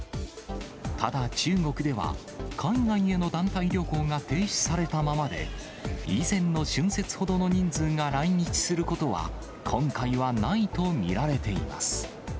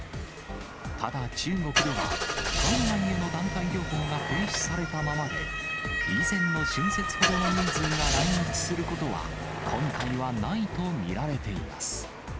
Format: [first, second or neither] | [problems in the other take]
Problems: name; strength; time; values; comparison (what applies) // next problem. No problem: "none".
first | background sound (Engine starting / Car + Motor vehicle (road) / Siren); 1 dB below the speech